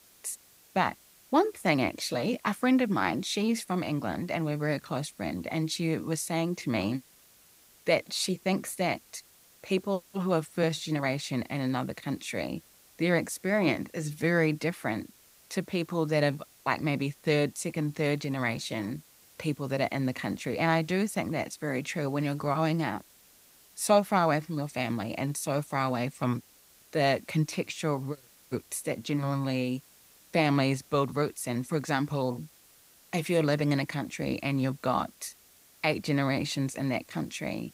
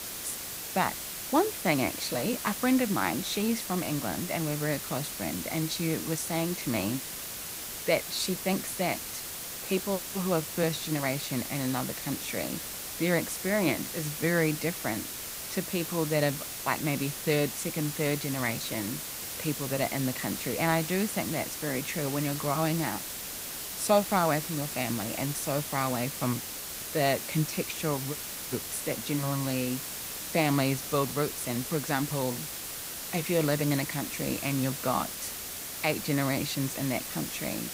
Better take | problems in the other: first | hiss; loud; throughout; 4 dB below the speech; faint in the first

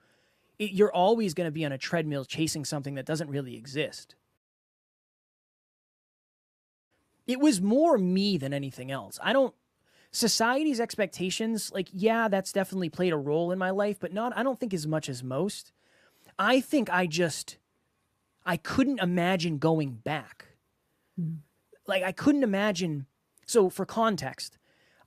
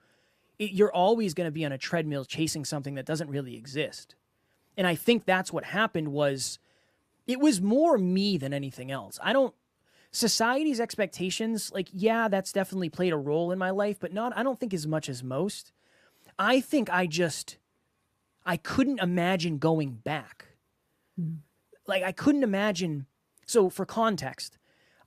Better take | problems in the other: second | audio cutting out; at 4.5 s for 2.5 s

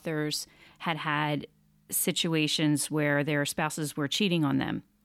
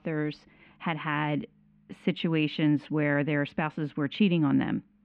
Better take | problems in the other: first | muffled; very; fading above 2.5 kHz

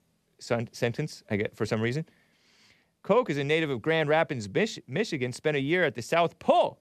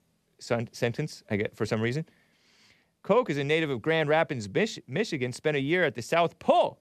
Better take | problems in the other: neither | none

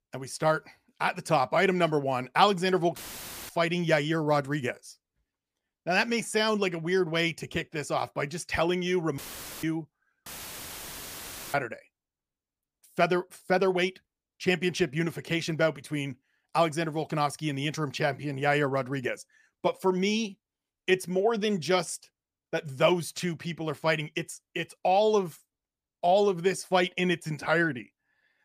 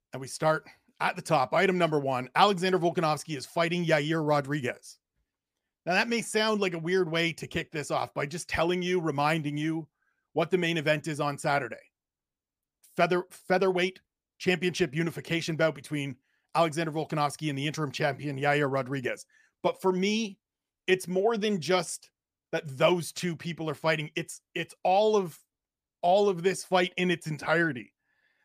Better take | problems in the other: second | audio cutting out; filled with static; at 3 s for 0.5 s, at 9 s and at 10 s for 1.5 s

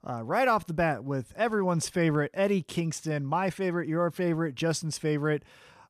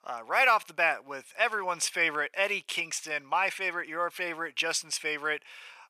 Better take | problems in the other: first | thin; very; fading below 850 Hz

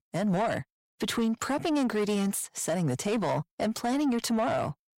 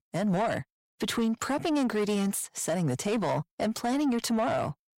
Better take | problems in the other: neither | distortion; slight; 10 dB below the speech; the same in both

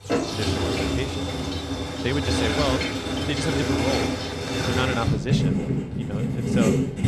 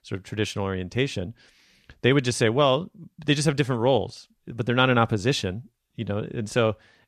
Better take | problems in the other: second | household noises; very loud; throughout; 5 dB above the speech

